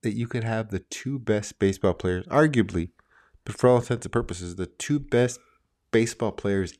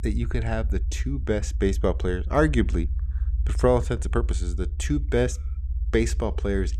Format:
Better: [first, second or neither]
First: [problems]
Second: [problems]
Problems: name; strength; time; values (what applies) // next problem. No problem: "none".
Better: first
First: none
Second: low rumble; faint; throughout; 20 dB below the speech